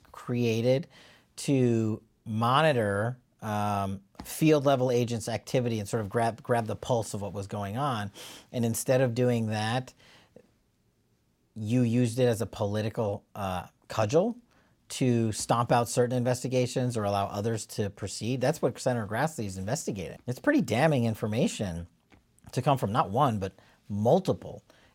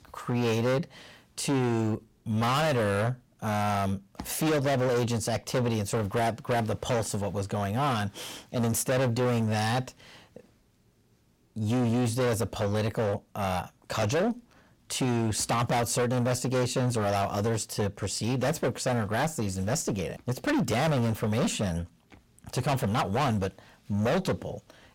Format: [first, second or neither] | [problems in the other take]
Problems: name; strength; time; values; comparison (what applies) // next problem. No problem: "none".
first | distortion; heavy; 20% of the sound clipped